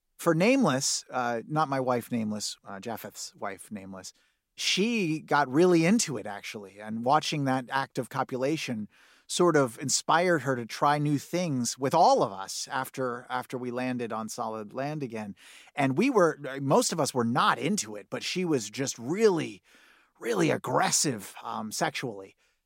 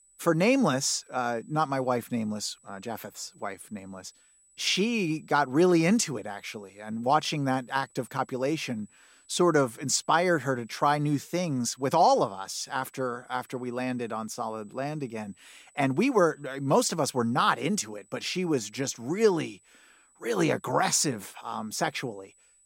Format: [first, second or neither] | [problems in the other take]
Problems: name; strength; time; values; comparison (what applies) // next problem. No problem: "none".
first | high-pitched whine; faint; throughout; 8 kHz, 30 dB below the speech